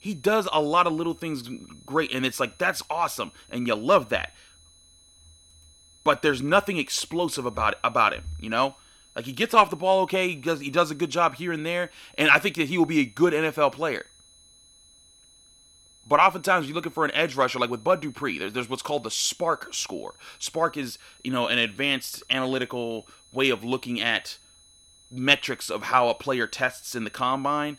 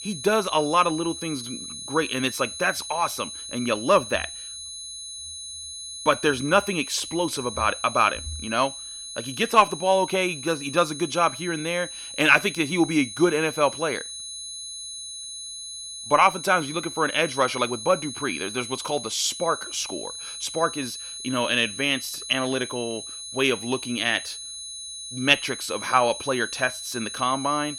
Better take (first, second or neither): first